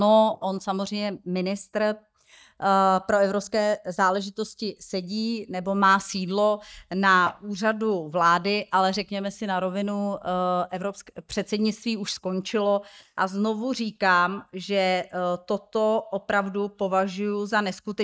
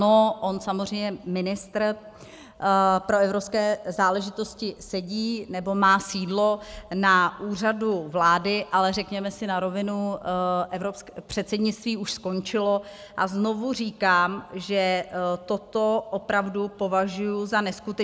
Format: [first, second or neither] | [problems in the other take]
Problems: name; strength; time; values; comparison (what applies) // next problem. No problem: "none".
second | noise reduction (neural mask model DeepFilterNet 3)